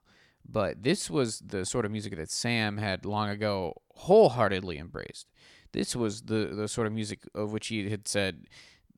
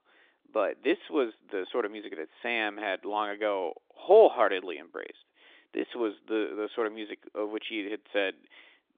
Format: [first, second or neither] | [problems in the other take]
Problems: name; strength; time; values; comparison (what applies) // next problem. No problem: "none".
first | phone-call audio